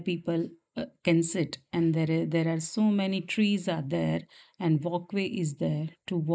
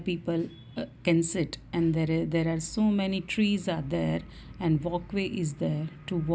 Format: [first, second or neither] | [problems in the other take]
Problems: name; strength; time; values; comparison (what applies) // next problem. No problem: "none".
second | noise reduction (neural mask model Resemble Enhance denoiser)